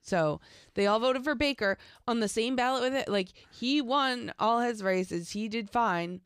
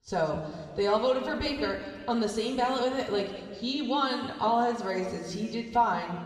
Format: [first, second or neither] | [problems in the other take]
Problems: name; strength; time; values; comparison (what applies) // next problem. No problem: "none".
first | room echo; noticeable; dies away in 1.7 s // off-mic speech; somewhat distant